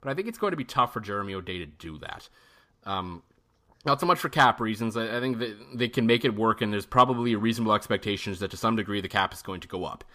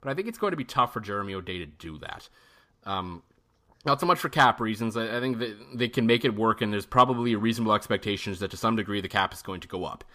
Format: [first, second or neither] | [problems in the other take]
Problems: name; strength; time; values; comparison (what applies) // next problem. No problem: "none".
neither | none